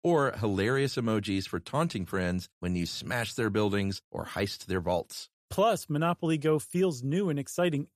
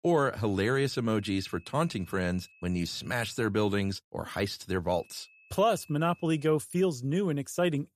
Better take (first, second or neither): first